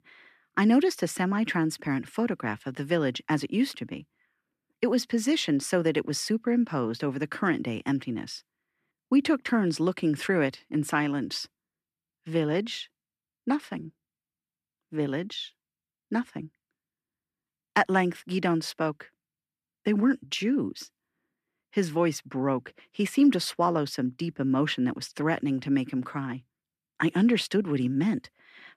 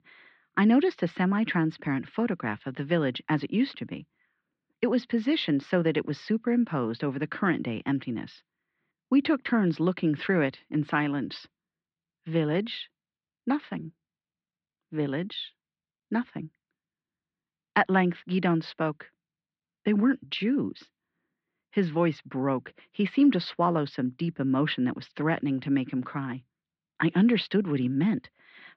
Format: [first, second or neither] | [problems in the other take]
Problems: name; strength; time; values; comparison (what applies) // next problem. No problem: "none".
first | muffled; slightly; fading above 4 kHz